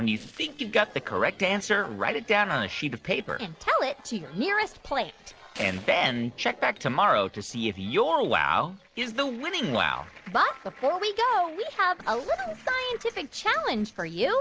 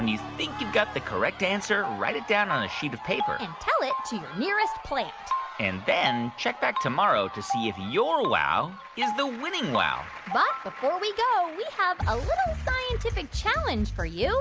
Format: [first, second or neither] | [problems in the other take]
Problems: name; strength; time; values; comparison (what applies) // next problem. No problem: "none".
second | noise reduction (neural separator model SepFormer DNS4)